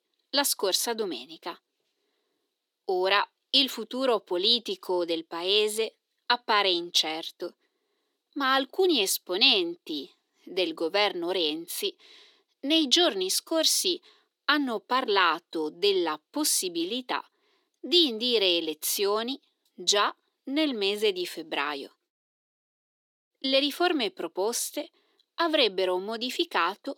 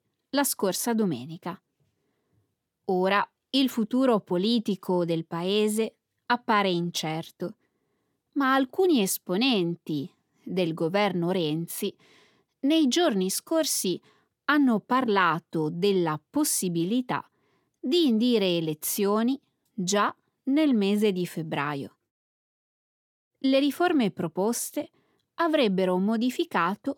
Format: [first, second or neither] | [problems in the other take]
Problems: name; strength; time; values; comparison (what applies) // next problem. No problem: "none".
second | thin; somewhat; fading below 350 Hz